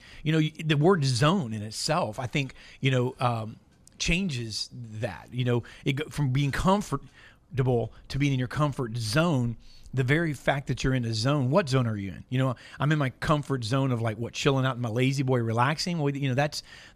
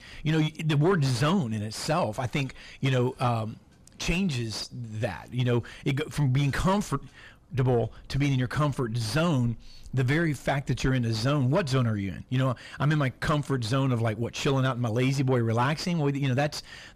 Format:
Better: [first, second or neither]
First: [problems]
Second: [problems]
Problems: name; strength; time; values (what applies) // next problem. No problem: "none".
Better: first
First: none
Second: distortion; slight; 10 dB below the speech